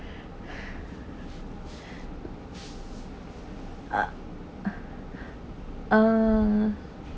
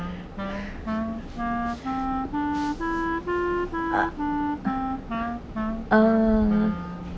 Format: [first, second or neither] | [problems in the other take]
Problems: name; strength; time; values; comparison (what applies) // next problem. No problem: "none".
first | background sound (Wind instrument, woodwind instrument); 1 dB below the speech